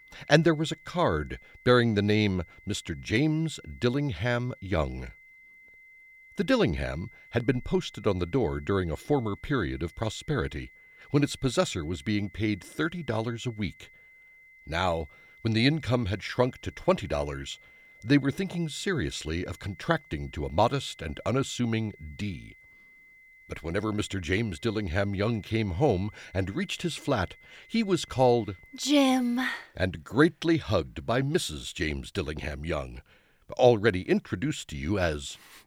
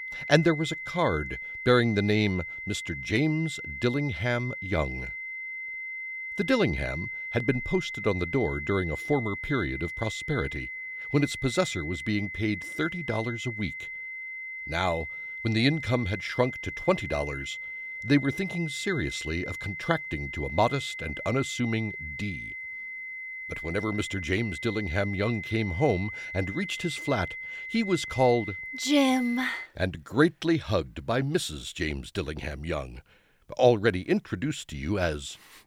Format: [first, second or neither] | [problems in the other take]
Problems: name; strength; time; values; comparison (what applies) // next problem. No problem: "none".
first | high-pitched whine; loud; until 30 s; 2 kHz, 7 dB below the speech; faint in the first